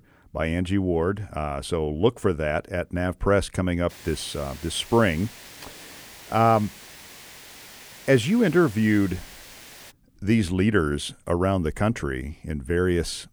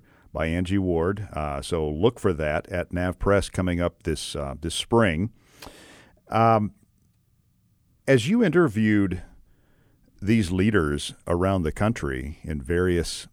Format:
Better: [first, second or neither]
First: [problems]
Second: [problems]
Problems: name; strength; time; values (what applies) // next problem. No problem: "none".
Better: second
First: hiss; noticeable; from 4 to 10 s; 20 dB below the speech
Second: none